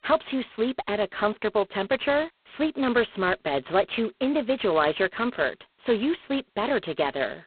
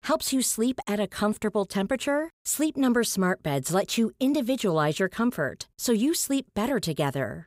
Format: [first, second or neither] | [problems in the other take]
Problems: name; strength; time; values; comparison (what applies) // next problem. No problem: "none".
second | phone-call audio; poor line; nothing above 4 kHz